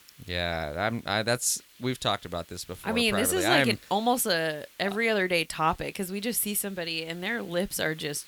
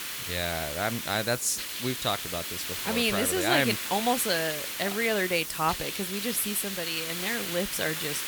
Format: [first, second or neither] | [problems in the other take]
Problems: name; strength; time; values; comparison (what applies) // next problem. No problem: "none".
first | hiss; loud; throughout; 3 dB below the speech; faint in the first